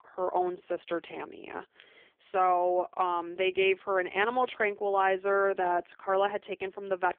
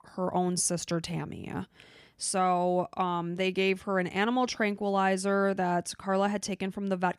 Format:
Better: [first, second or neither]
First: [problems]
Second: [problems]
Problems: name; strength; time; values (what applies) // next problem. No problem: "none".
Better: second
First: phone-call audio; poor line; nothing above 3 kHz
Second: none